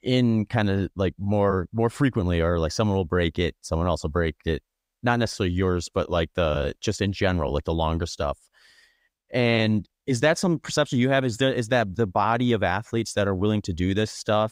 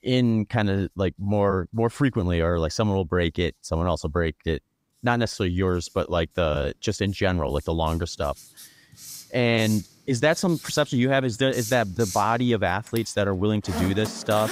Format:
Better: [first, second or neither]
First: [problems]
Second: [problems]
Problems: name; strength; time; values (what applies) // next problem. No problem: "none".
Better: first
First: none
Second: household noises; noticeable; throughout; 15 dB below the speech